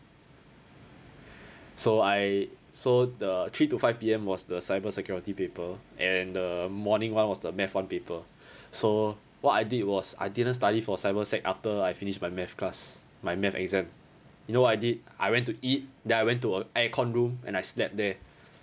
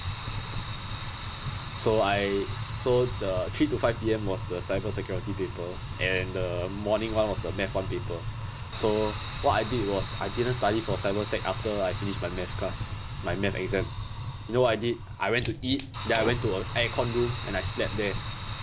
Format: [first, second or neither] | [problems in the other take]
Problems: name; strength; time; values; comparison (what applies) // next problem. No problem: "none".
first | background sound (Fire); 5 dB below the speech